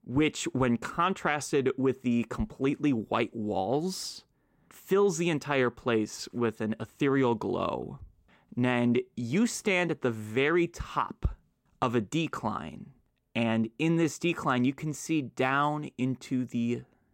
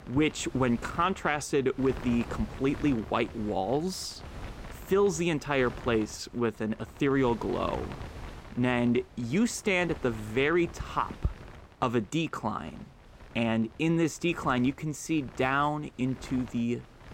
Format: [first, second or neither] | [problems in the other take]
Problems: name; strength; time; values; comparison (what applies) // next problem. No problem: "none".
first | wind noise on the microphone; occasional gusts; 15 dB below the speech